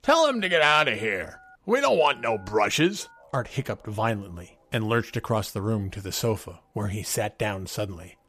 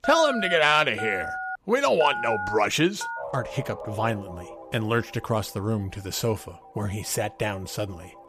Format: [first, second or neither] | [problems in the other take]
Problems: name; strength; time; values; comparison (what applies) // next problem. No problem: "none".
first | alarms or sirens; loud; throughout; 8 dB below the speech; faint in the first